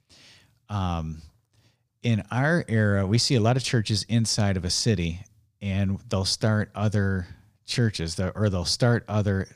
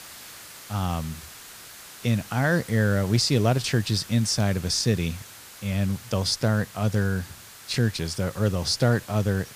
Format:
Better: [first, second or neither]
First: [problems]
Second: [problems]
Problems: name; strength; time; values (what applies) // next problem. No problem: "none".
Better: first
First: none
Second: hiss; noticeable; throughout; 15 dB below the speech